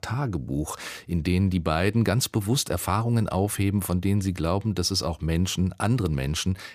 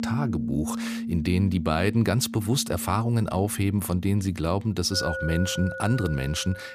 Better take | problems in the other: first | background music; loud; throughout; 9 dB below the speech

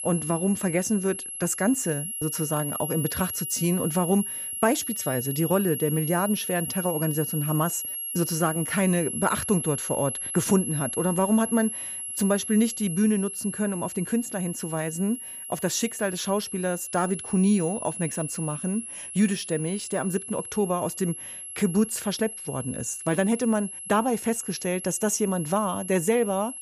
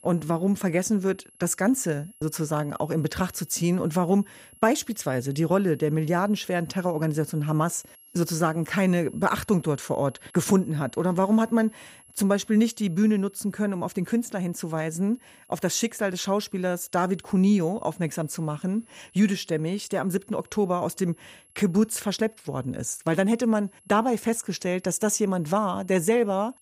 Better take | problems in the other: second | high-pitched whine; loud; throughout; 11 kHz, 6 dB below the speech; faint in the second

